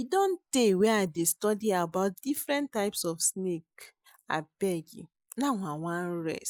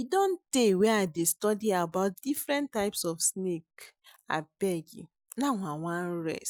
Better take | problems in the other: second | noise reduction (neural mask model Resemble Enhance denoiser)

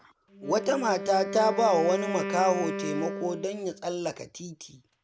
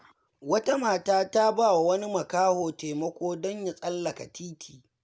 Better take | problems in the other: second | background sound (Wind instrument, woodwind instrument); 8 dB below the speech

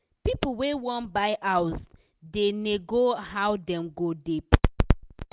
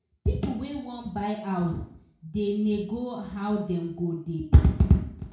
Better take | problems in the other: first | room echo; dies away in 0.5 s

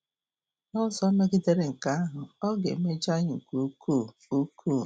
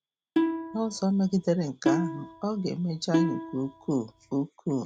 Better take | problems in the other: first | background sound (Plucked string instrument); 2 dB below the speech

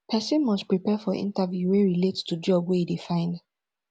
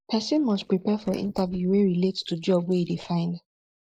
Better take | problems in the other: first | noise reduction (neural mask model Resemble Enhance denoiser)

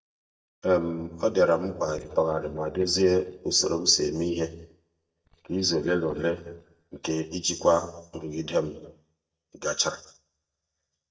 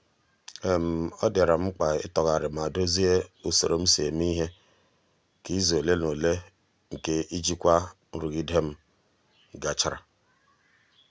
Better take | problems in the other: second | noise reduction (neural mask model DeepFilterNet 3)

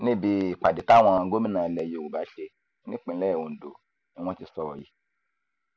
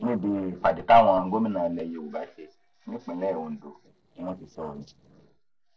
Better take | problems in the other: first | noise reduction (neural separator model SepFormer DNS4)

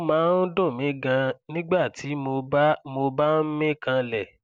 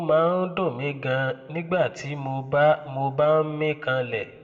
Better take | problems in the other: first | room echo; dies away in 1.1 s

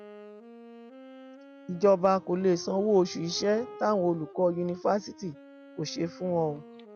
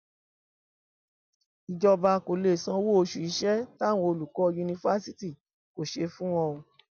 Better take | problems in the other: second | background sound (Wind instrument, woodwind instrument); 19 dB below the speech

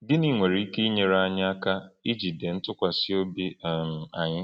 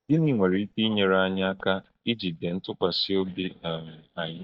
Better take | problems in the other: first | noise reduction (neural mask model DeepFilterNet 3)

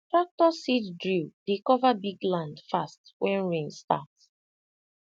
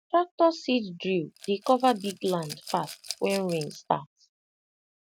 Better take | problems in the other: first | background sound (Rattle / Glass); 15 dB below the speech

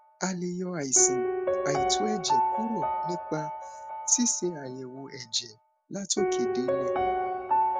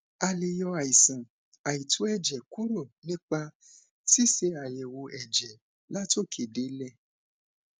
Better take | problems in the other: second | background sound (Piano); 2 dB above the speech

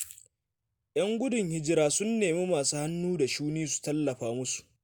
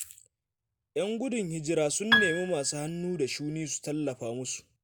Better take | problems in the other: first | background sound (Piano); 1 dB above the speech

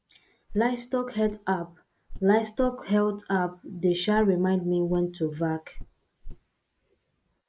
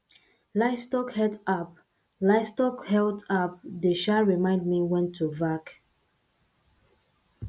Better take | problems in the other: second | noise reduction (neural mask model Resemble Enhance denoiser)

